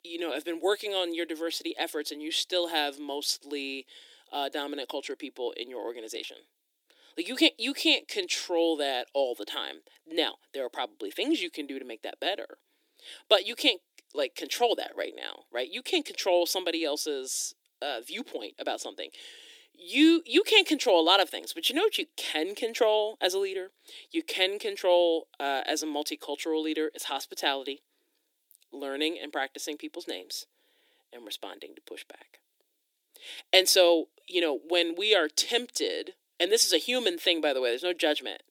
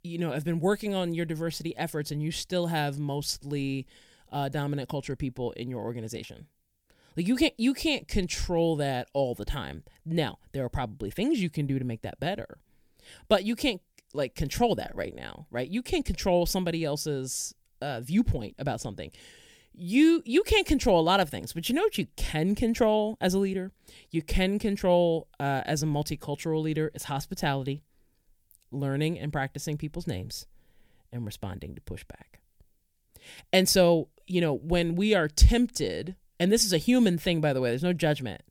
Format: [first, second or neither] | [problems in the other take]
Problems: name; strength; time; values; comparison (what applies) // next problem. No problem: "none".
second | thin; somewhat; fading below 300 Hz